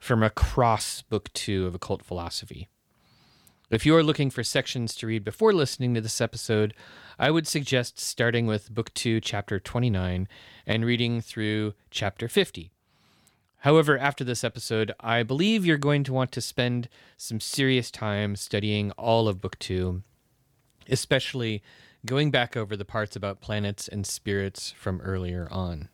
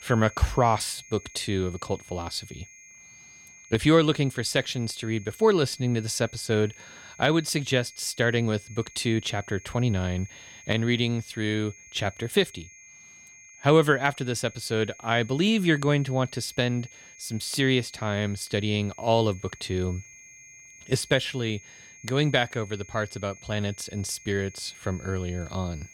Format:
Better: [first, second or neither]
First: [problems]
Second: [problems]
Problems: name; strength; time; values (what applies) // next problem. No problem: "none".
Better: first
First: none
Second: high-pitched whine; faint; throughout; 6.5 kHz, 20 dB below the speech